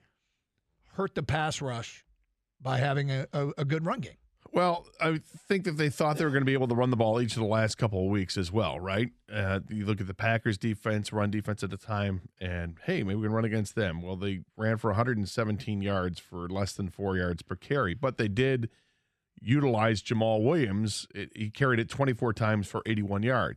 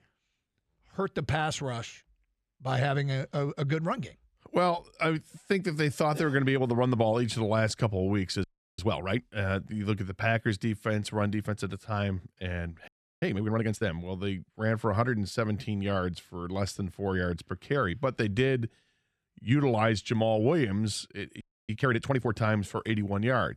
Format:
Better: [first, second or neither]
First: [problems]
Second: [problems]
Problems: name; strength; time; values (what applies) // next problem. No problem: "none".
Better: first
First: none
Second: audio freezing; at 8.5 s, at 13 s and at 21 s